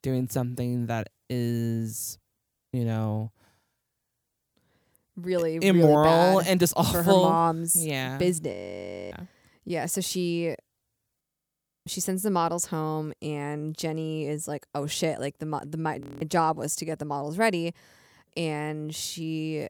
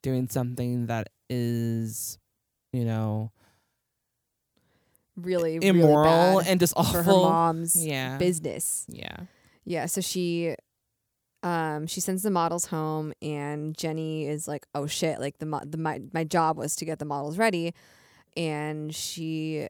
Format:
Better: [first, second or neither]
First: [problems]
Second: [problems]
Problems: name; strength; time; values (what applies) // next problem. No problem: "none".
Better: second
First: audio freezing; at 8.5 s for 0.5 s, at 11 s for 0.5 s and at 16 s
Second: none